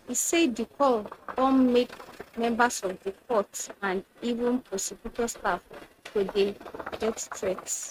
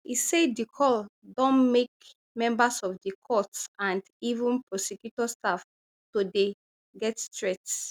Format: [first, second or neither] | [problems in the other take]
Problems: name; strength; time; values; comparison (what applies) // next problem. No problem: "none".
second | noise reduction (neural mask model RNNoise)